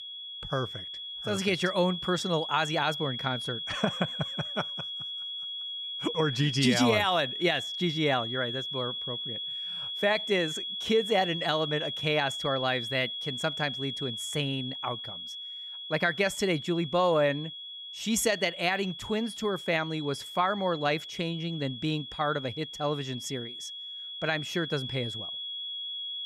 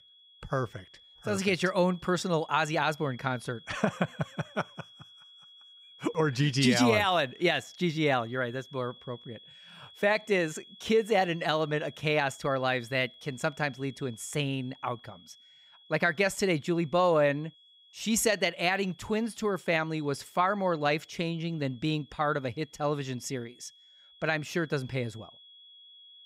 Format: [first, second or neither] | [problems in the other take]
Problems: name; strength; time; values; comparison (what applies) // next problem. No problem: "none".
second | high-pitched whine; loud; throughout; 3.5 kHz, 5 dB below the speech; faint in the second